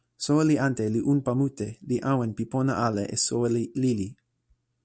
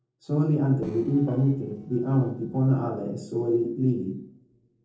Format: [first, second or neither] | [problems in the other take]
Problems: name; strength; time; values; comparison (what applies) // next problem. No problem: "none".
first | noise reduction (neural separator model SepFormer DNS4)